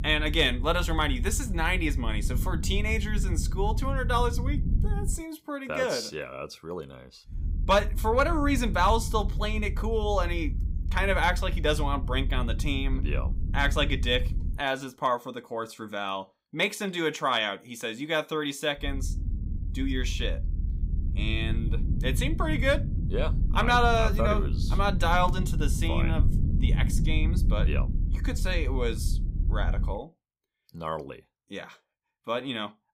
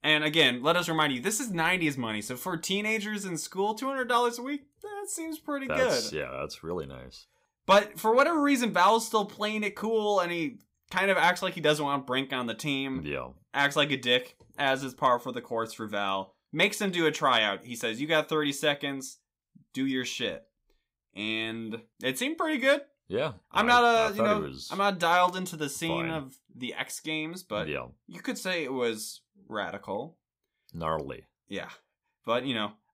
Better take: second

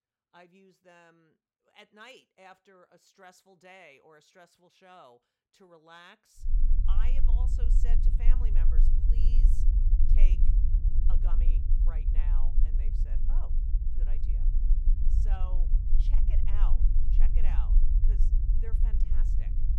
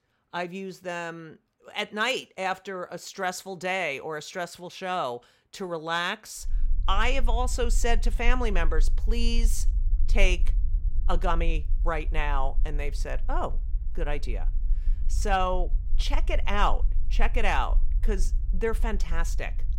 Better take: second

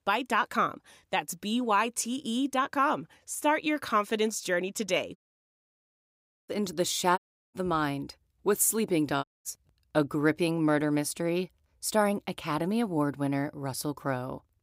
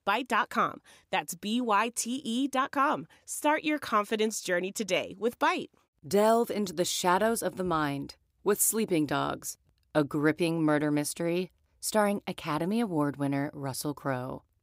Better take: second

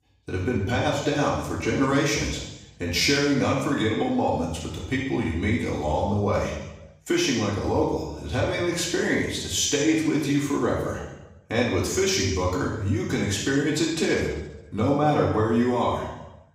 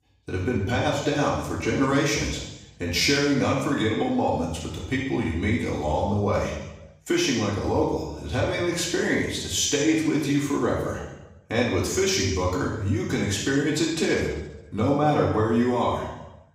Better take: neither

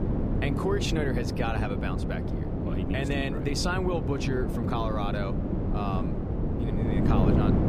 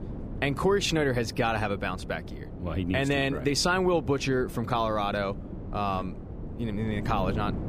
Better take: second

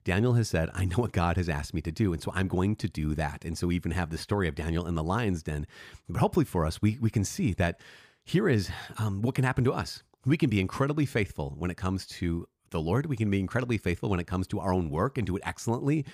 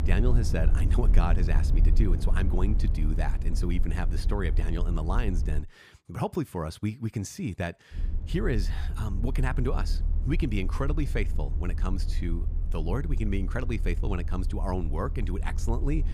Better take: first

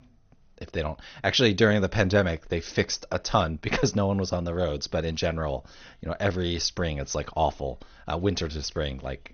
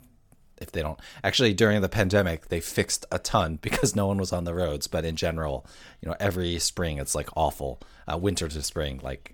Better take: second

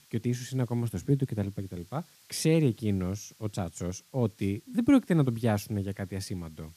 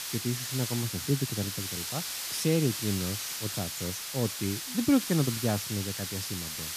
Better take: first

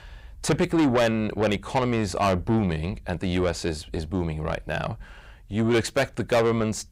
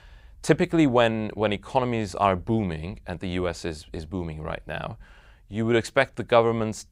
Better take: second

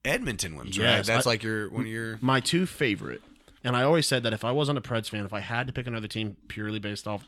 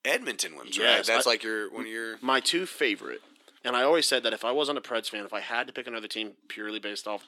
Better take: first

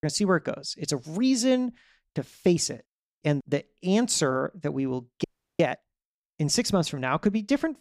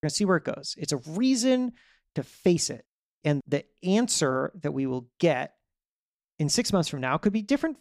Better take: second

